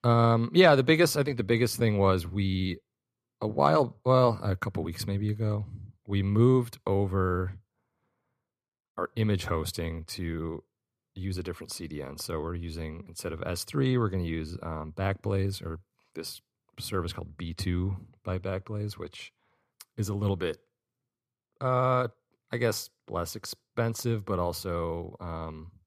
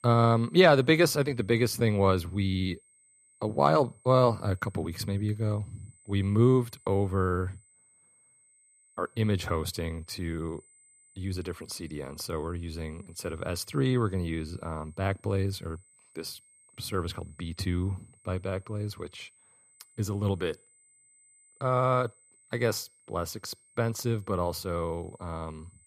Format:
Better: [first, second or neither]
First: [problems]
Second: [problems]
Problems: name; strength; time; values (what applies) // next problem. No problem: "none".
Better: first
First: none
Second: high-pitched whine; faint; throughout; 8 kHz, 30 dB below the speech